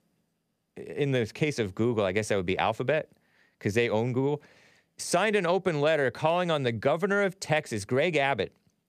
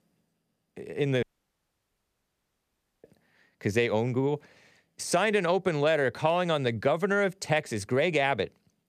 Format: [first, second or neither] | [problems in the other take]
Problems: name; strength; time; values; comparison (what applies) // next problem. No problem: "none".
first | audio cutting out; at 1 s for 2 s